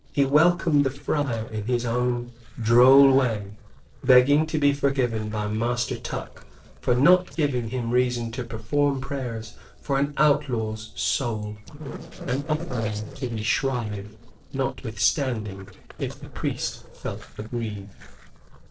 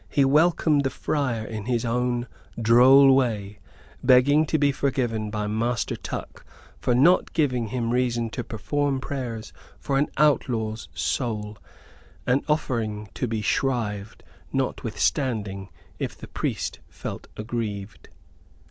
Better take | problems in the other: second | noise reduction (neural separator model SepFormer DNS4)

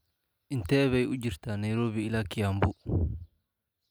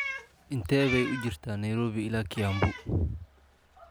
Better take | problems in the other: first | background sound (Meow); 11 dB below the speech

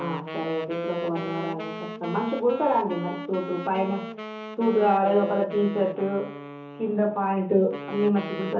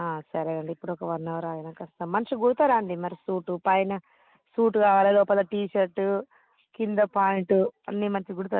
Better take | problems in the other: second | background sound (Wind instrument, woodwind instrument); 10 dB below the speech // room echo; dies away in 0.8 s

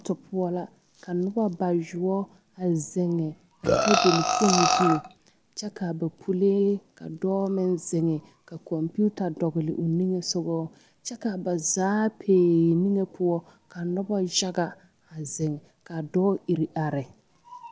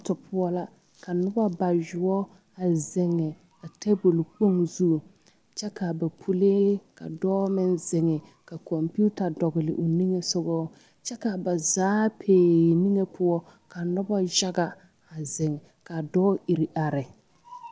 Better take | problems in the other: second | background sound (Burping, eructation); 3 dB above the speech

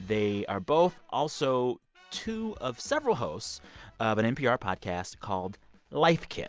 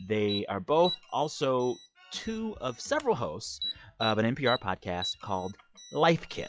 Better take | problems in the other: first | noise reduction (classical method log-MMSE)

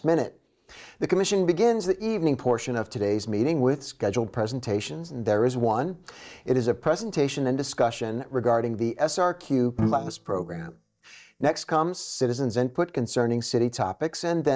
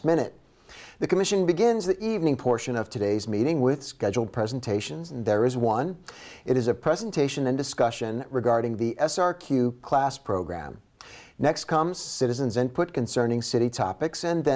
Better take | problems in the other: second | noise reduction (neural mask model DeepFilterNet 3)

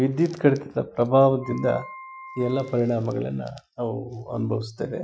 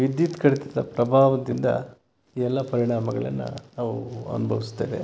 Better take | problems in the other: second | noise reduction (classical method Wiener filter)

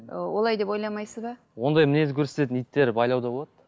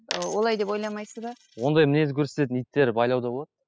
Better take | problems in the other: first | noise reduction (classical method spectral subtraction)

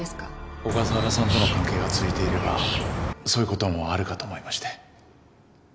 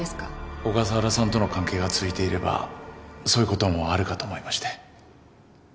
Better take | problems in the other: second | background sound (Bird); 2 dB above the speech

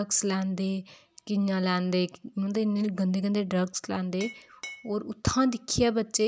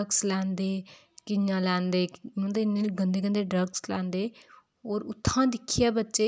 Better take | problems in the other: second | background sound (Glass); 15 dB below the speech

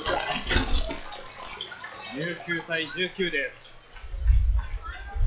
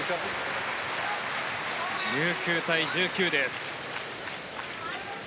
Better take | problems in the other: second | noise reduction (classical method log-MMSE)

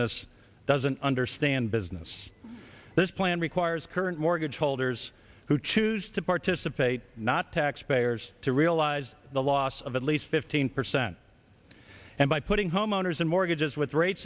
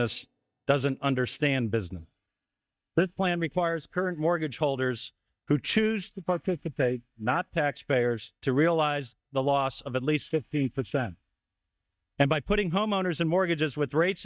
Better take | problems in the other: first | noise reduction (neural mask model DeepFilterNet 3)

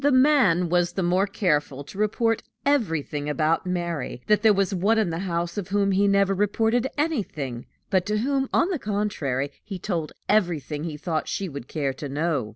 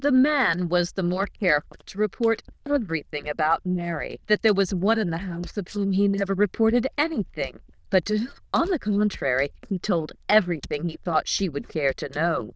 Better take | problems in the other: first | noise reduction (neural diffusion model UNIVERSE++)

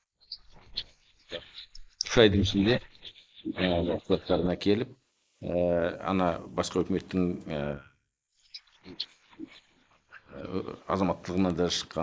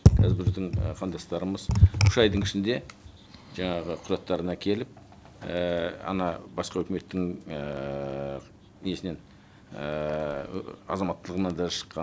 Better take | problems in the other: second | noise reduction (neural mask model Resemble Enhance denoiser)

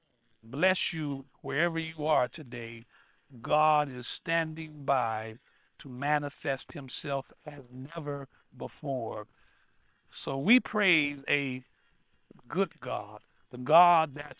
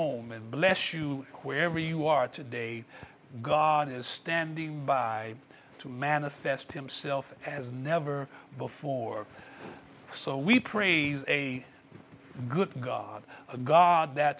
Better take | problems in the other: second | noise reduction (neural separator model SepFormer WHAM!)

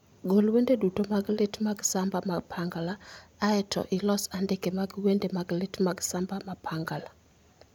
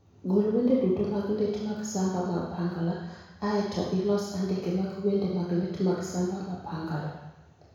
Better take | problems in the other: first | room echo; dies away in 1.1 s

